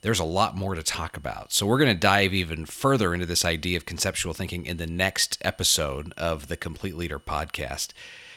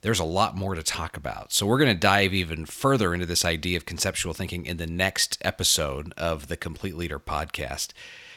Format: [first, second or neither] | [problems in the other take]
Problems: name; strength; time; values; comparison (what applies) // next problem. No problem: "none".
second | high-pitched whine; faint; throughout; 3 kHz, 35 dB below the speech